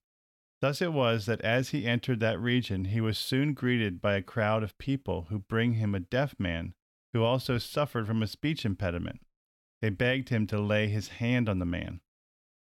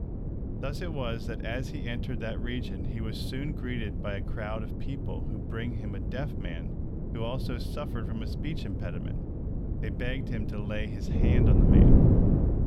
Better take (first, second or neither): first